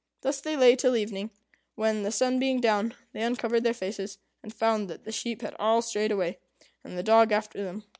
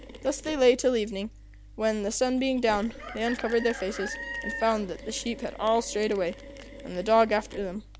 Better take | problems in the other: first | background sound (Mechanisms + Chicken, rooster); 13 dB below the speech

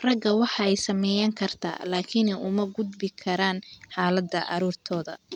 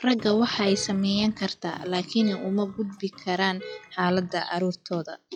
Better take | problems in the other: first | noise reduction (classical method log-MMSE)

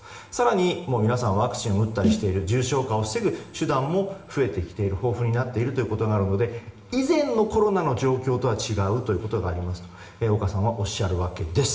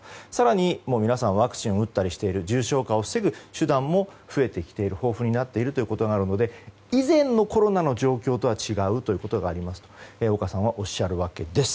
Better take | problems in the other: second | background sound (Snare drum); 7 dB below the speech // room echo; dies away in 1 s

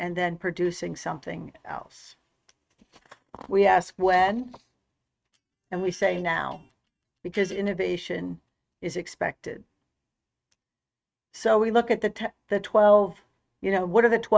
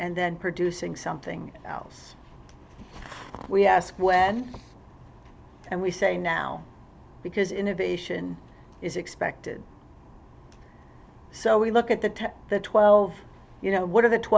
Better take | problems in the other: second | noise reduction (neural mask model RNNoise)

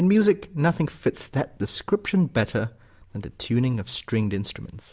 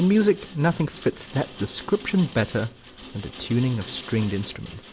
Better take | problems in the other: first | background sound (Rain); 18 dB below the speech

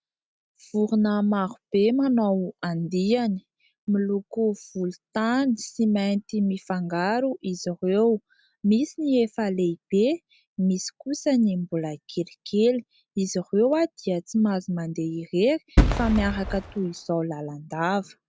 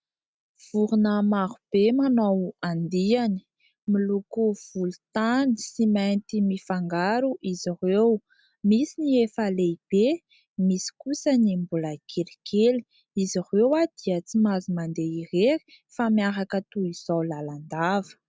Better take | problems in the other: second | background sound (Fireworks); 1 dB above the speech

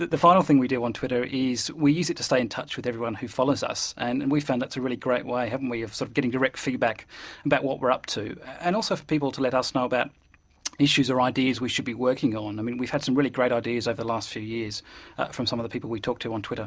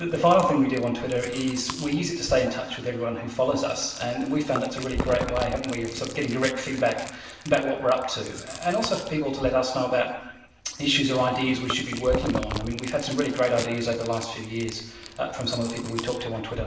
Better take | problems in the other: first | background sound (Chewing, mastication); 12 dB below the speech // room echo; dies away in 1 s

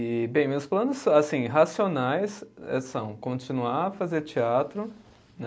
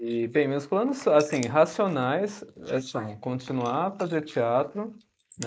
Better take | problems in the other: first | noise reduction (neural mask model Resemble Enhance denoiser)

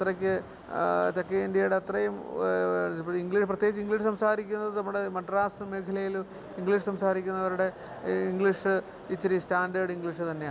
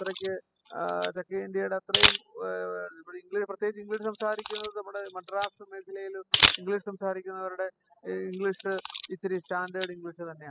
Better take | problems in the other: first | noise reduction (classical method spectral subtraction)

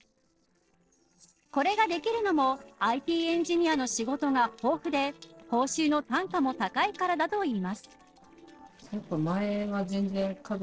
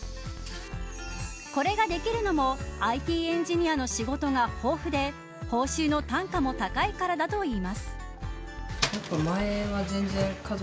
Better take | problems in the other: second | noise reduction (neural separator model SepFormer DNS4)

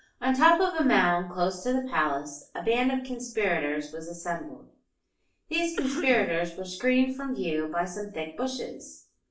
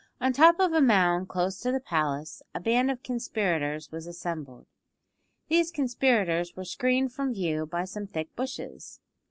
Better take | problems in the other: second | background sound (Cough); 11 dB below the speech // room echo; dies away in 0.4 s

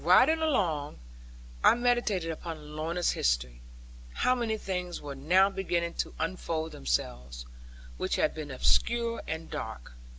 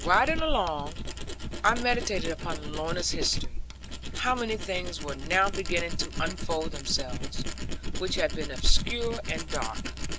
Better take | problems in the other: first | background sound (Tools); 3 dB below the speech

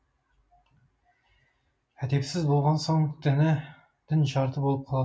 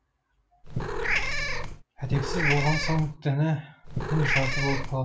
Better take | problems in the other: first | background sound (Meow / Purr); 1 dB above the speech

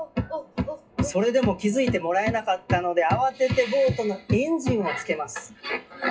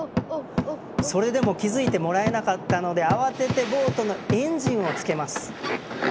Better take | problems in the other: second | noise reduction (classical method WPE with log-MMSE)

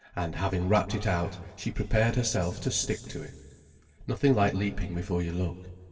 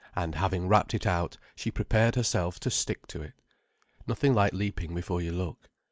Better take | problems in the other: second | room echo; dies away in 2.6 s

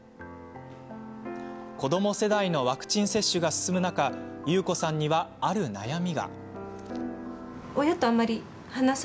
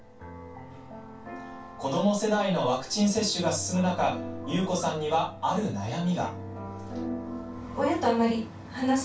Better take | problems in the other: first | room echo; dies away in 0.2 s

